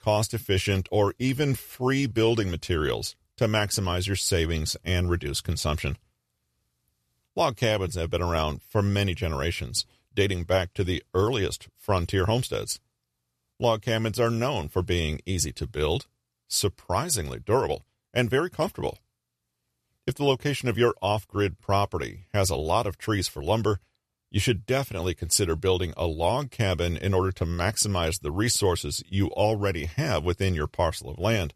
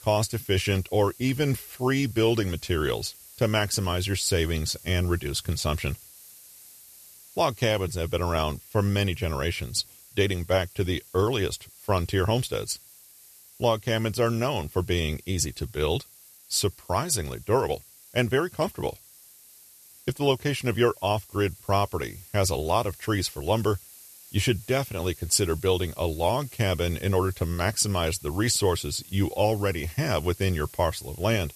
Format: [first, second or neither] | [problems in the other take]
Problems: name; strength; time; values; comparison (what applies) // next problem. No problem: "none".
first | hiss; faint; throughout; 20 dB below the speech